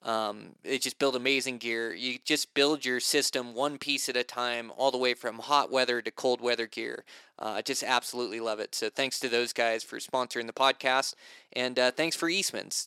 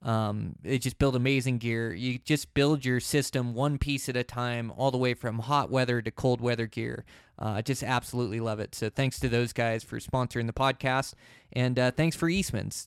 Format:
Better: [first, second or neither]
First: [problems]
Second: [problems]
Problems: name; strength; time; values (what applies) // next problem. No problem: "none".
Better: second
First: thin; somewhat; fading below 350 Hz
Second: none